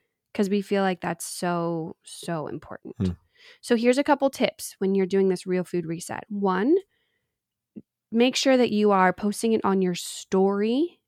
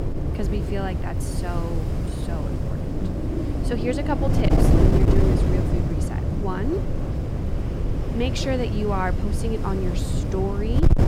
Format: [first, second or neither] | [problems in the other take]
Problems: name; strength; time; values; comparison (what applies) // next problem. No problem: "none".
first | wind noise on the microphone; heavy; 1 dB below the speech